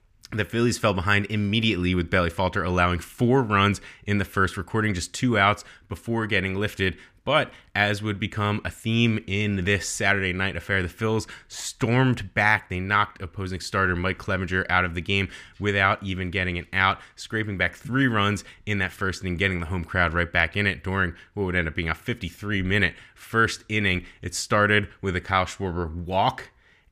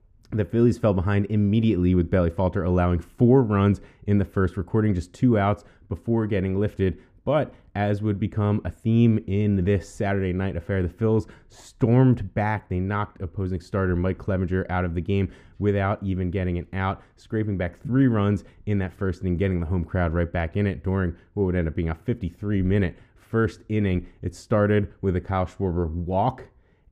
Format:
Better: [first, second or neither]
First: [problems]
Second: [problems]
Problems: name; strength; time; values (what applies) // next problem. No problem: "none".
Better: first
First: none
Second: muffled; slightly; fading above 1 kHz